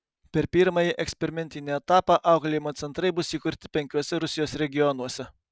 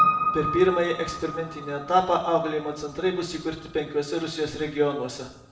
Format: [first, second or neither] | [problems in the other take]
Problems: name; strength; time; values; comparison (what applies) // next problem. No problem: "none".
first | background sound (Piano); 5 dB below the speech // room echo; dies away in 0.8 s